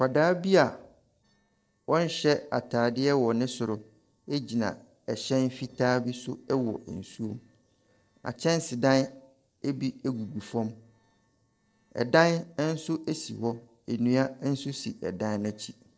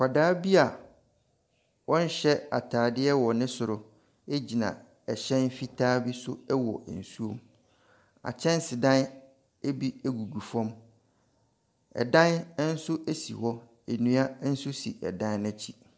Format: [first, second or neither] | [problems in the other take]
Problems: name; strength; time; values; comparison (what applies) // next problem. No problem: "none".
second | noise reduction (neural separator model SepFormer DNS4)